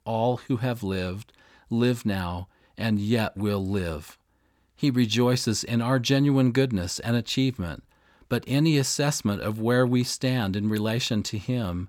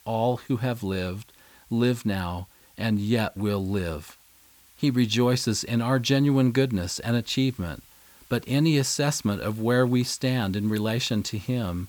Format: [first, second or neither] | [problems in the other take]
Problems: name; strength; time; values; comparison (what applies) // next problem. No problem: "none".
first | hiss; faint; throughout; 25 dB below the speech